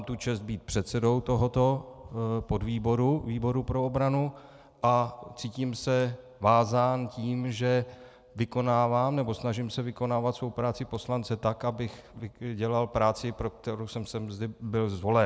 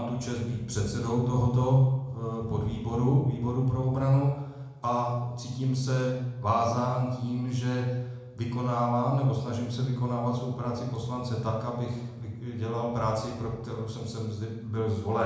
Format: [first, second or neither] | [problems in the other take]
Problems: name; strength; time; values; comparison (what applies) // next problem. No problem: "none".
first | room echo; dies away in 0.9 s